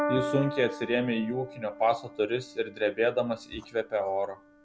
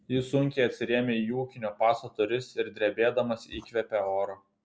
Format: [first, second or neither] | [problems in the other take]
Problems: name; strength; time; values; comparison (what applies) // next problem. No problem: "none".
second | background sound (Piano); 9 dB below the speech